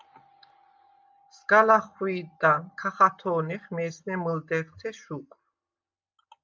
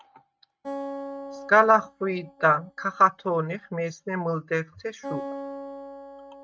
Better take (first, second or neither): first